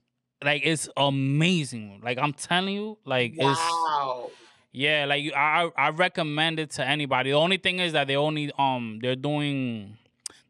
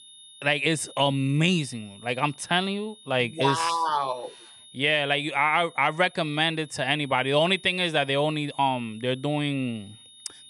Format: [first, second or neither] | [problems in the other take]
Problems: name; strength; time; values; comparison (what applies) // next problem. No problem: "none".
first | high-pitched whine; faint; throughout; 3.5 kHz, 20 dB below the speech